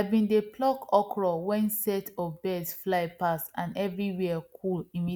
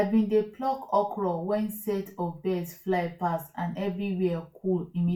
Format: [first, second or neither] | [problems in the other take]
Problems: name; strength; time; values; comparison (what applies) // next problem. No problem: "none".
first | room echo; dies away in 0.2 s